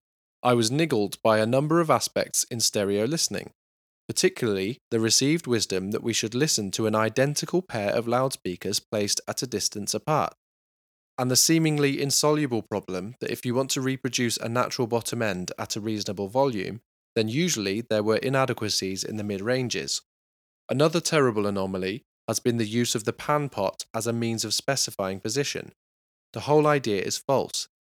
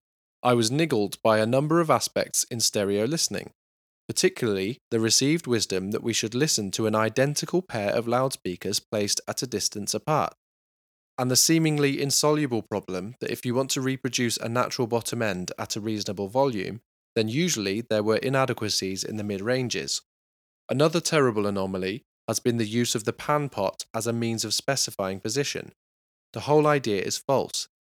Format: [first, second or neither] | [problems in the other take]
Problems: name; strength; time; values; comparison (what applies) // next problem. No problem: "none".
neither | none